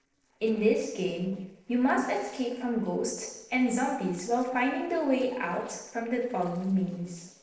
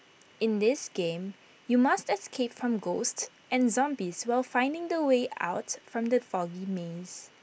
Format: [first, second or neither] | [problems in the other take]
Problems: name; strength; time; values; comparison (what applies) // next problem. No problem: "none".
second | noise reduction (neural separator model SepFormer DNS4)